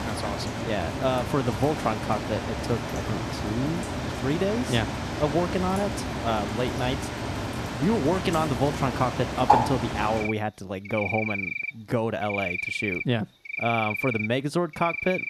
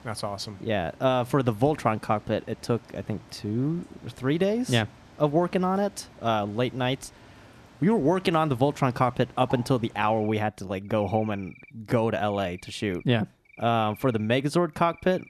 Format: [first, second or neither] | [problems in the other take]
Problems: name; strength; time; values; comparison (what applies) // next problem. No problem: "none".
second | animal sounds; loud; throughout; 2 dB below the speech; faint in the second